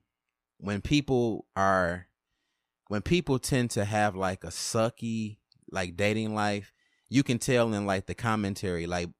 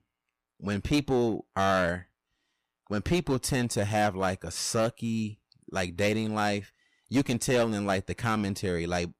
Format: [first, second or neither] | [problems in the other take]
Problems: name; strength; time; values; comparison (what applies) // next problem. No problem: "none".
first | distortion; slight; 6% of the sound clipped